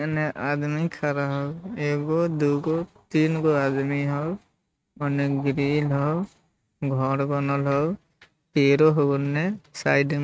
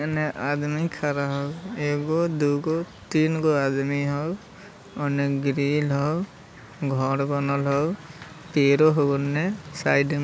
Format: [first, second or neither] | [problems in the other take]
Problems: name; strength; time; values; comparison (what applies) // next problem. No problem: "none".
second | noise reduction (neural mask model RNNoise)